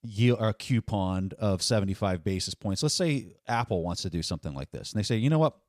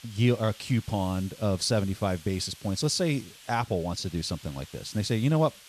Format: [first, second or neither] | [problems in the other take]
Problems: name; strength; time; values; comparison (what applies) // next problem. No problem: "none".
first | hiss; noticeable; throughout; 20 dB below the speech